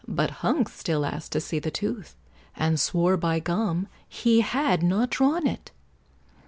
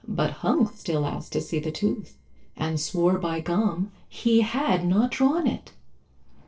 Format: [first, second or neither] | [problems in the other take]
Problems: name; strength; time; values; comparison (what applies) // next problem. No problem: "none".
first | noise reduction (neural separator model SepFormer DNS4)